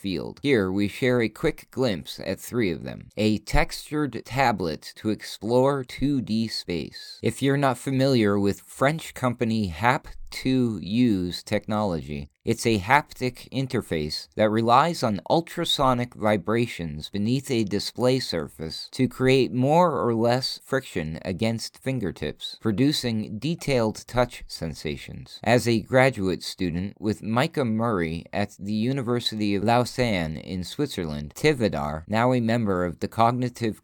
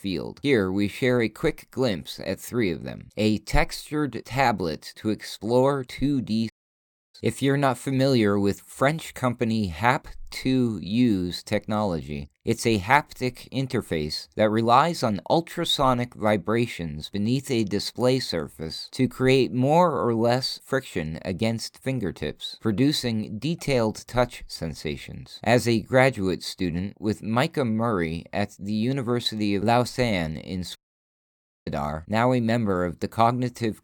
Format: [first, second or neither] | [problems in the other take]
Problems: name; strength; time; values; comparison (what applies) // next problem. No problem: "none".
first | audio cutting out; at 6.5 s for 0.5 s and at 31 s for 1 s